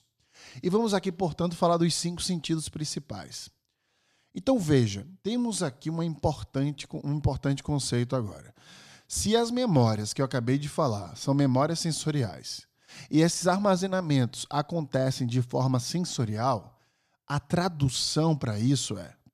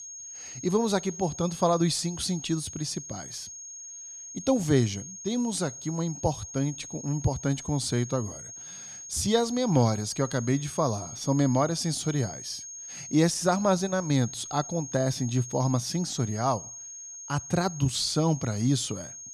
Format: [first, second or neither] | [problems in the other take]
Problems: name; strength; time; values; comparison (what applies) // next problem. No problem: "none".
first | high-pitched whine; noticeable; throughout; 6.5 kHz, 10 dB below the speech